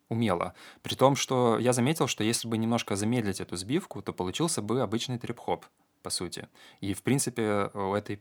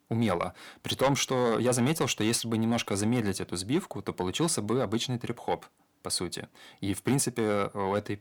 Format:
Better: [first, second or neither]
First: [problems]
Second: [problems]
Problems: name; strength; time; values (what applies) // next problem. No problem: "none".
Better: first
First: none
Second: distortion; slight; 10 dB below the speech